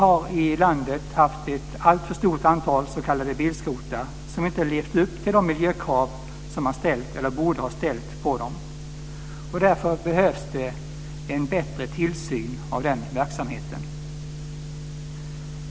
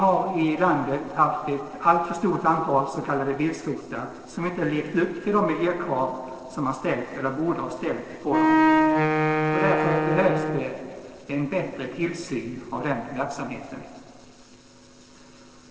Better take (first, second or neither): first